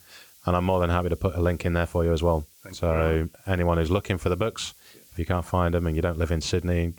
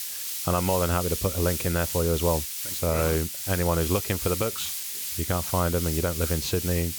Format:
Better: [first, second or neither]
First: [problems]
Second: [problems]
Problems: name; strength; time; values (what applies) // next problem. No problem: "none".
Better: first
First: hiss; faint; throughout; 25 dB below the speech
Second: hiss; loud; throughout; 3 dB below the speech